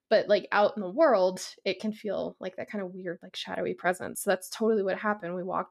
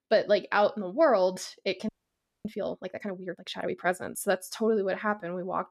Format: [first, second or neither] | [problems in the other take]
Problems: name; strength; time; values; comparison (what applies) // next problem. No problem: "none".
first | audio freezing; at 2 s for 0.5 s